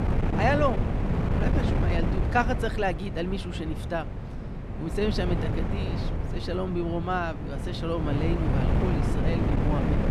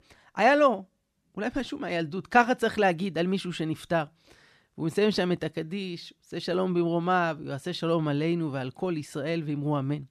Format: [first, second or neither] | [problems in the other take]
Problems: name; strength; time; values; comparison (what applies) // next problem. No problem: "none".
second | wind noise on the microphone; heavy; 5 dB below the speech